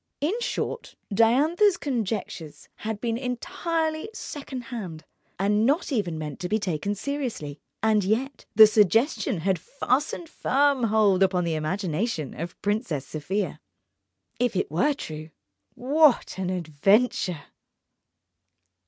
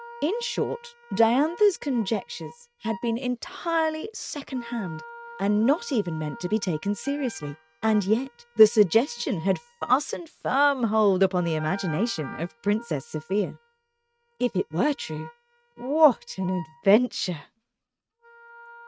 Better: first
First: none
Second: noise reduction (neural mask model RNNoise)

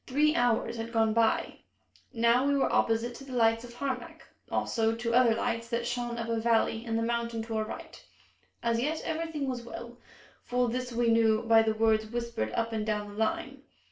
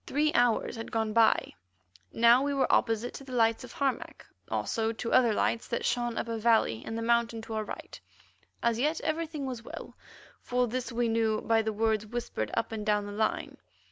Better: second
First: room echo; dies away in 0.3 s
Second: none

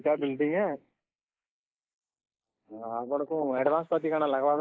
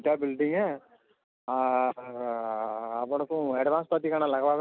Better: second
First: noise reduction (neural mask model Resemble Enhance denoiser)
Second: none

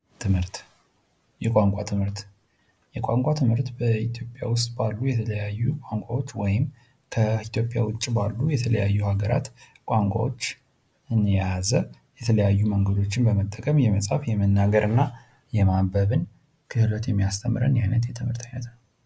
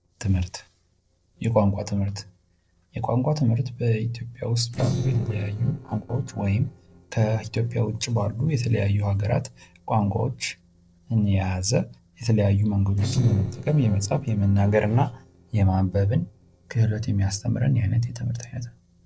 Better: first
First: none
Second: noise reduction (neural separator model SepFormer DNS4)

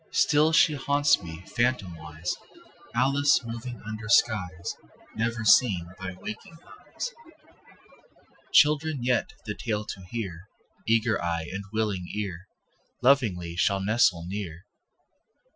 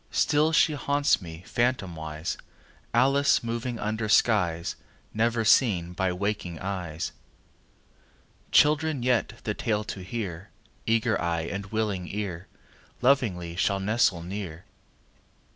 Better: second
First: noise reduction (classical method Wiener filter)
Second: none

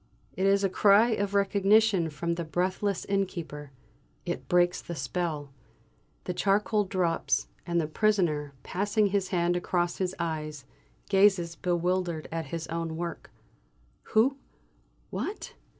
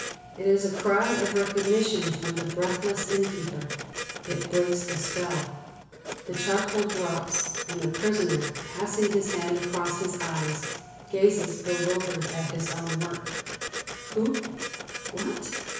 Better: first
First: none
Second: background sound (Printer); 7 dB below the speech // room echo; dies away in 1.1 s

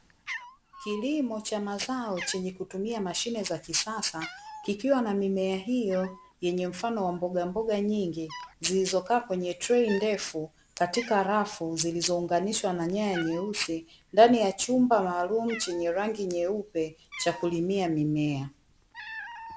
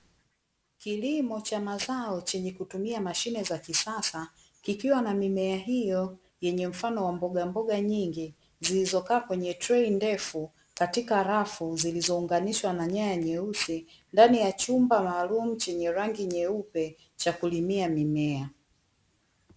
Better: second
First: background sound (Cat); 19 dB below the speech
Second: none

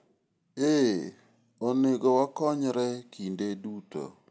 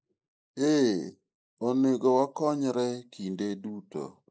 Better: first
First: none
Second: noise reduction (neural mask model Resemble Enhance denoiser)

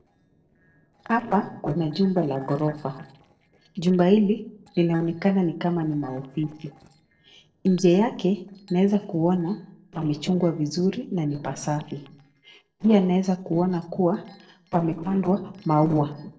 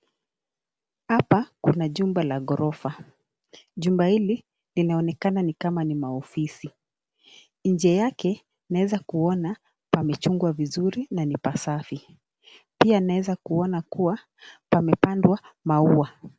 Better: second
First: noise reduction (neural separator model SepFormer DNS4)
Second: none

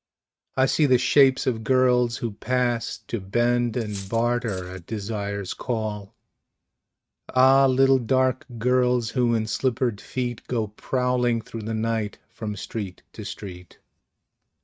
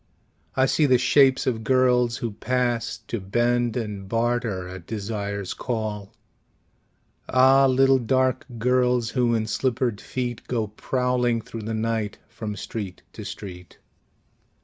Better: second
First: noise reduction (neural mask model RNNoise)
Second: none

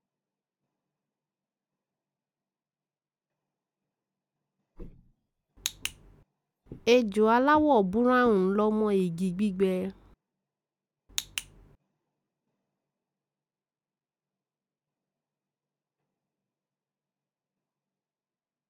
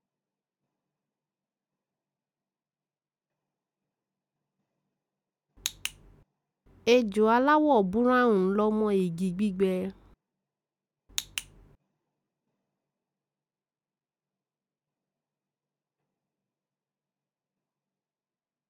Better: second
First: background sound (Walk, footsteps); 19 dB below the speech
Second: none

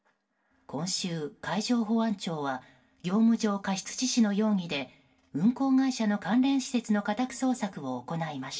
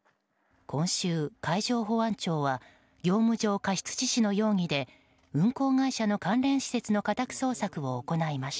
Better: second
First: room echo; dies away in 0.2 s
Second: none

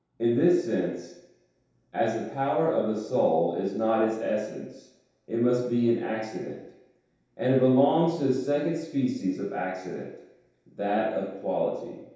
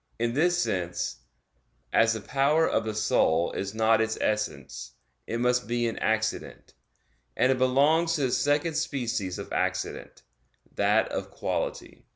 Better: second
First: room echo; dies away in 0.8 s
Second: none

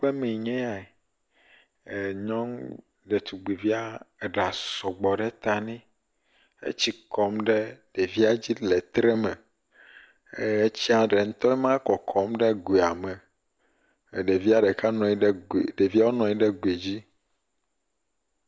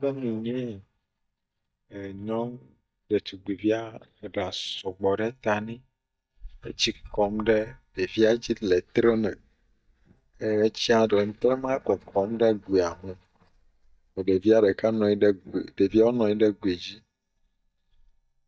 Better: first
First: none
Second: noise reduction (neural mask model DeepFilterNet 3)

